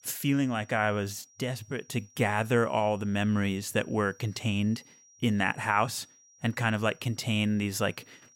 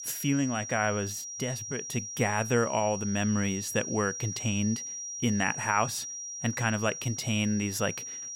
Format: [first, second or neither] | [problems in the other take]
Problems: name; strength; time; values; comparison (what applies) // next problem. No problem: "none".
first | high-pitched whine; loud; throughout; 5.5 kHz, 6 dB below the speech; faint in the first